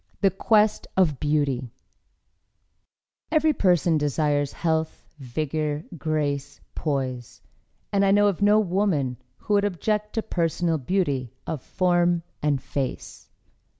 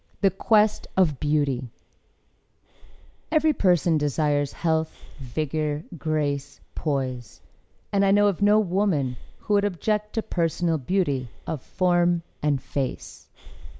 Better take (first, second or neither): first